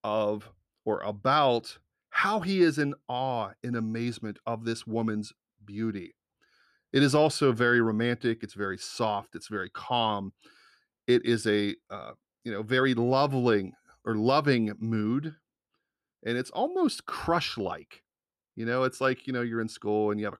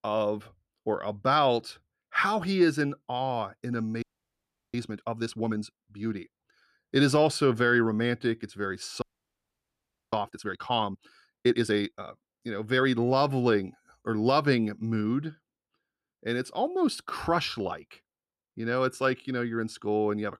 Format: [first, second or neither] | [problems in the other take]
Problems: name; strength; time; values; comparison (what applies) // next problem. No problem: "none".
first | audio freezing; at 4 s for 0.5 s and at 9 s for 1 s